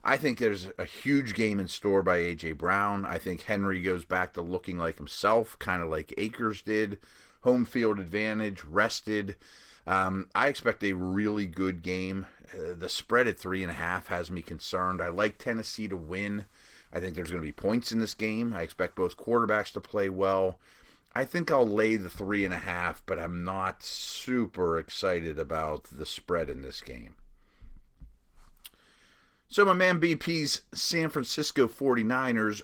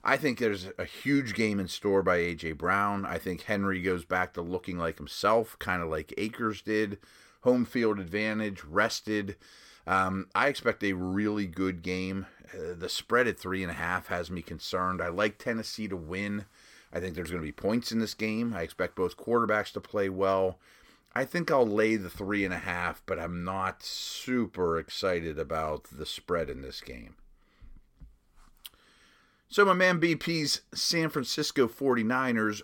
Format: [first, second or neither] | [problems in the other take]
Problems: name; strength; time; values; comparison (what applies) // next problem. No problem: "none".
second | garbled, watery; slightly; nothing above 17.5 kHz